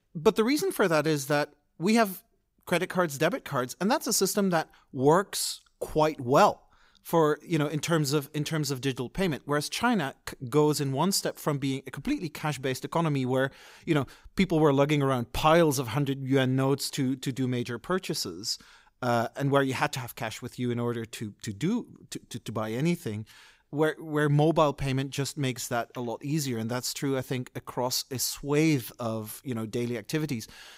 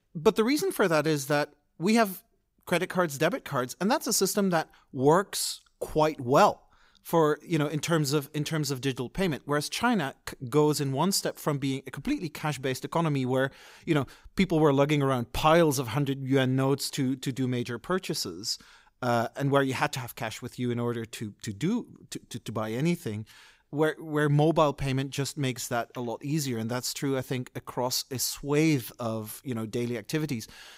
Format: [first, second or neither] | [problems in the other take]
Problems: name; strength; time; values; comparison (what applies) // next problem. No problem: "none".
neither | none